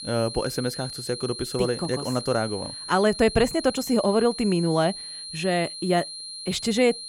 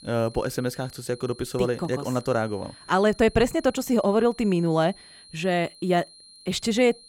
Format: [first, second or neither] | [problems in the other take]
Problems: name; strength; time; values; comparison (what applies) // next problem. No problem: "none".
second | high-pitched whine; loud; throughout; 4 kHz, 9 dB below the speech; faint in the second